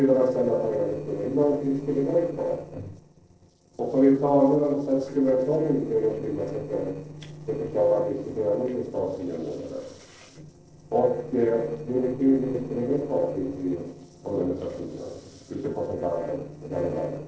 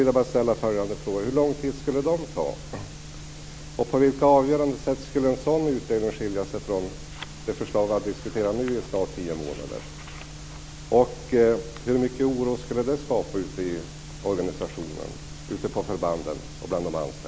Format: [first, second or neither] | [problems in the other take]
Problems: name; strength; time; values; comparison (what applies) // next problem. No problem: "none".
second | noise reduction (neural separator model SepFormer DNS4)